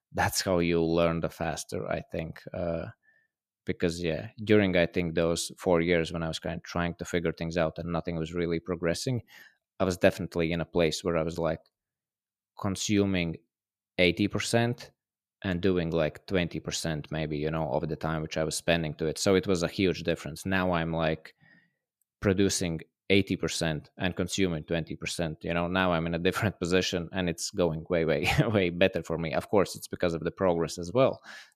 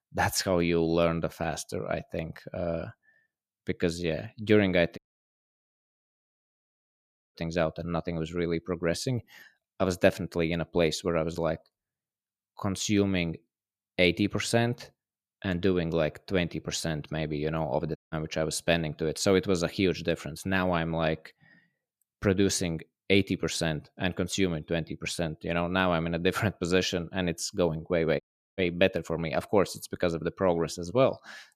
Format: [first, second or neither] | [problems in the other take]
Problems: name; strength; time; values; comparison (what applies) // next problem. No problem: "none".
first | audio cutting out; at 5 s for 2.5 s, at 18 s and at 28 s